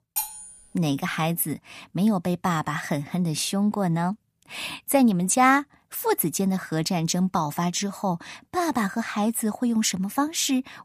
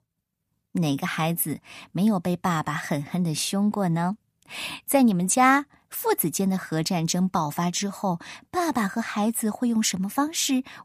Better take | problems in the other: second | clattering dishes; noticeable; at the start; peak 4 dB below the speech

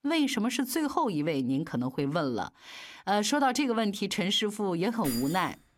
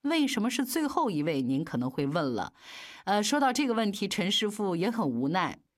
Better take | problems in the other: second | jangling keys; noticeable; at 5 s; peak 8 dB below the speech

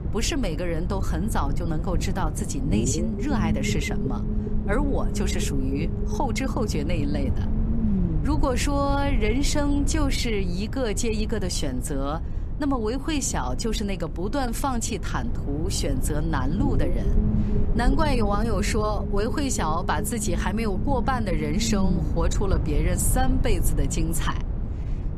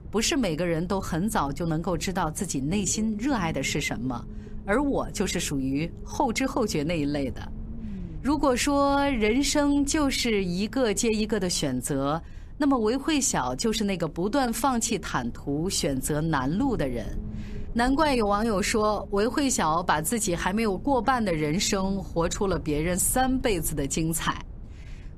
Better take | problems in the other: second | low rumble; loud; throughout; 9 dB below the speech; faint in the second

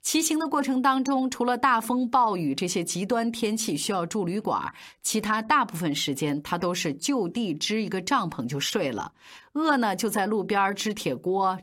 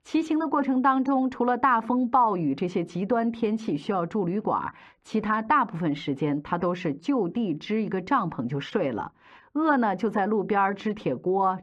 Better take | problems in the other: first | muffled; very; fading above 1.5 kHz

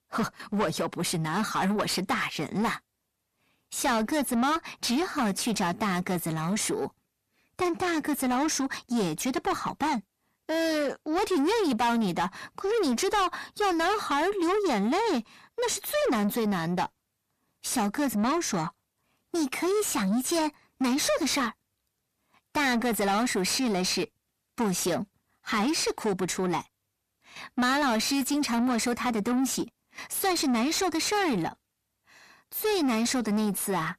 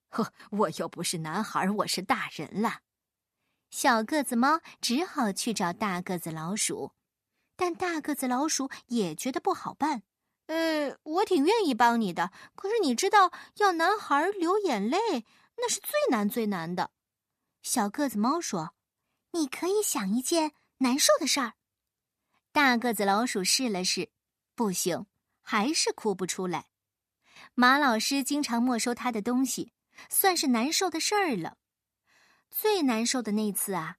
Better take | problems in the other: second | distortion; heavy; 7 dB below the speech

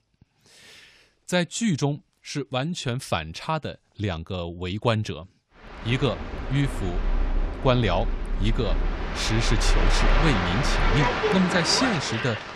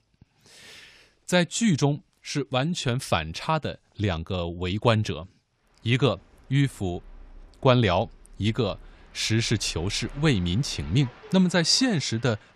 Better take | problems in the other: second | train or aircraft noise; loud; from 5.5 s on; 1 dB below the speech; faint in the second

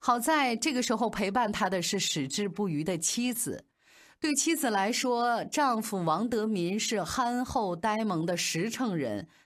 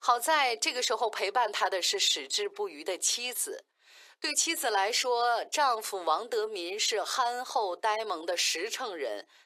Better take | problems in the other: first | thin; very; fading below 400 Hz

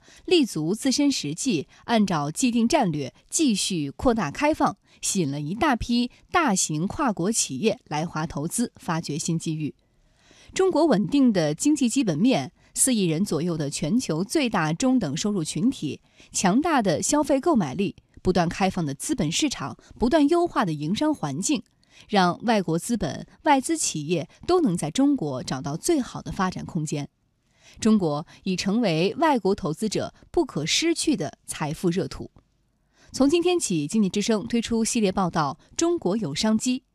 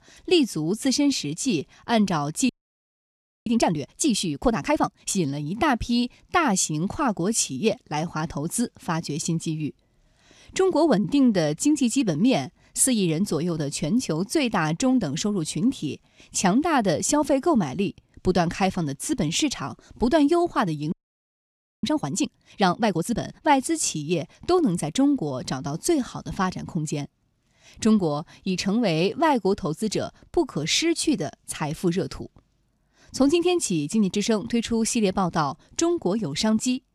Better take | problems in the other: first | audio freezing; at 2.5 s for 1 s and at 21 s for 1 s

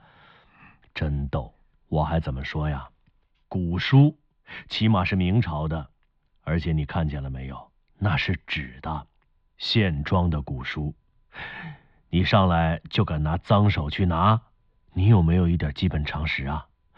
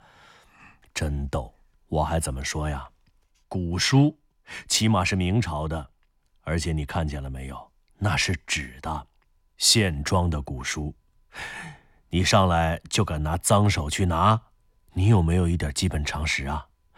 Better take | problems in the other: second | muffled; slightly; fading above 4 kHz

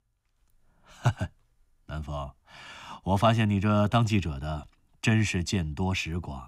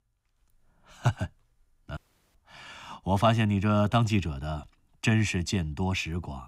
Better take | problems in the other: first | audio cutting out; at 2 s

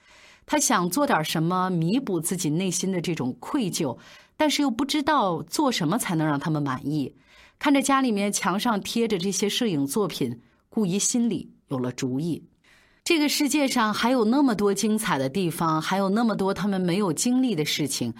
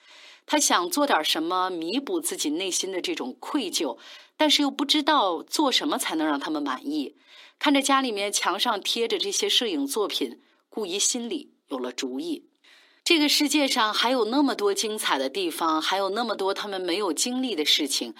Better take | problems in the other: first | thin; very slightly; fading below 300 Hz

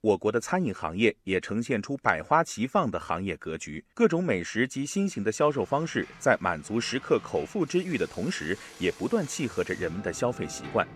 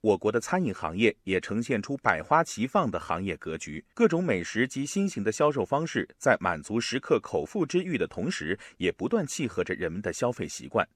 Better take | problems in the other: second | traffic noise; noticeable; from 5 s on; 20 dB below the speech

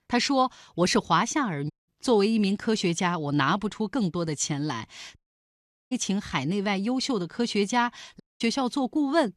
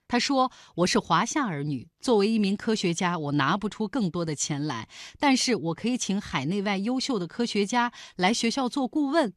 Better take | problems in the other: second | audio cutting out; at 1.5 s, at 5 s for 1 s and at 8 s

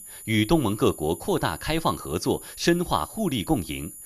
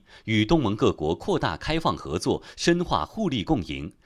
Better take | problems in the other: second | high-pitched whine; noticeable; throughout; 10.5 kHz, 15 dB below the speech

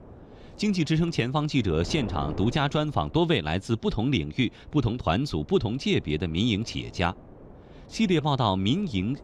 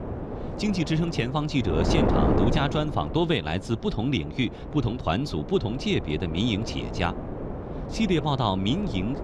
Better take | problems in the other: first | wind noise on the microphone; heavy; 5 dB below the speech; occasional gusts in the first

